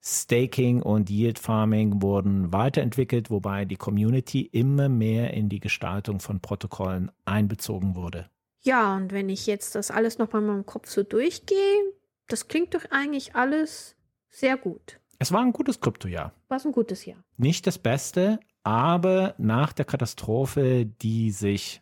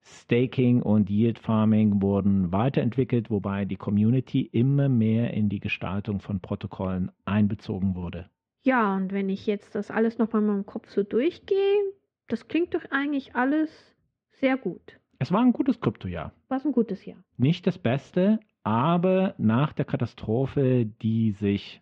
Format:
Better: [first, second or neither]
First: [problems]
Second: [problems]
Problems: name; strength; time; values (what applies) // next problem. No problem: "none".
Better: first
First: none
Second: muffled; very; fading above 3.5 kHz